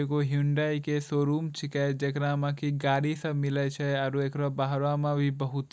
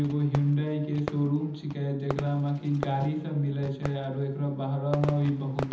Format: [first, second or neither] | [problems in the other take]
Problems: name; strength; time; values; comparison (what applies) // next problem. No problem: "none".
first | background sound (Fireworks); 12 dB below the speech // room echo; dies away in 0.8 s